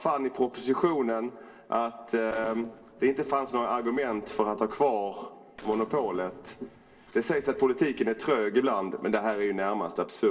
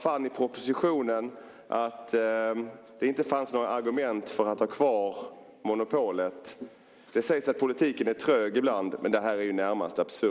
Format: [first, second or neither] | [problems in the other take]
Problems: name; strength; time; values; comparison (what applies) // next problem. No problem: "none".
second | noise reduction (neural separator model SepFormer DNS4)